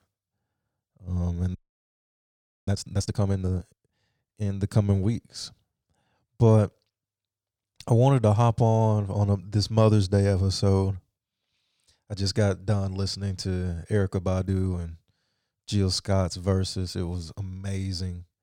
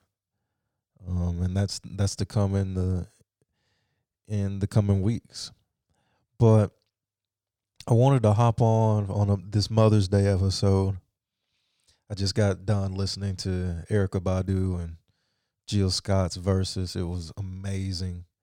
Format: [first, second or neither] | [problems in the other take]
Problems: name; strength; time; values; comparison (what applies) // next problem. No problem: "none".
second | audio freezing; at 1.5 s for 1 s